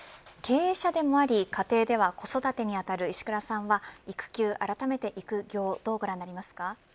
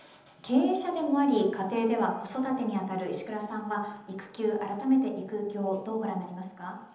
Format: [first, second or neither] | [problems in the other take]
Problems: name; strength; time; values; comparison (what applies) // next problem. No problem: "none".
first | room echo; dies away in 0.9 s